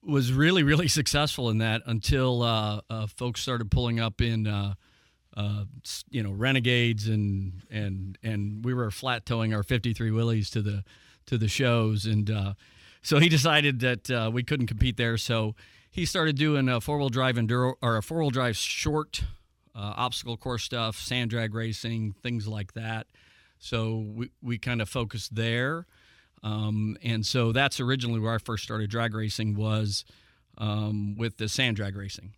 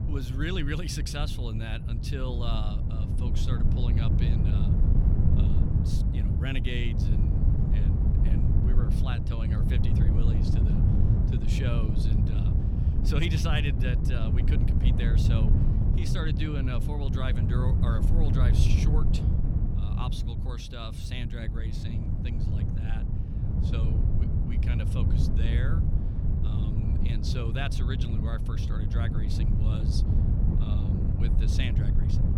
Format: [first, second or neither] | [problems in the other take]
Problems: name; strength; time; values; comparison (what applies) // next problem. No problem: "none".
first | wind noise on the microphone; heavy; 1 dB below the speech